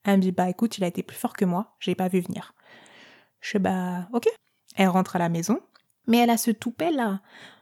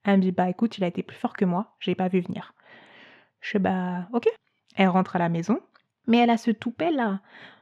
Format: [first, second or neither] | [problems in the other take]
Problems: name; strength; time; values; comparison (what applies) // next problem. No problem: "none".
first | muffled; slightly; fading above 2.5 kHz